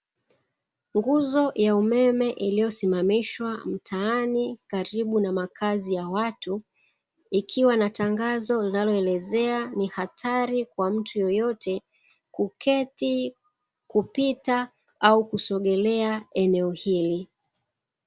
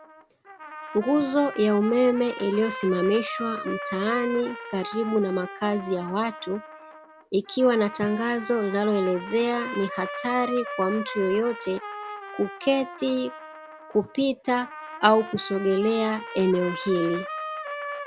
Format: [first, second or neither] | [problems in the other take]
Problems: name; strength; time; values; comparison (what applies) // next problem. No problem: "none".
first | background sound (Trumpet); 11 dB below the speech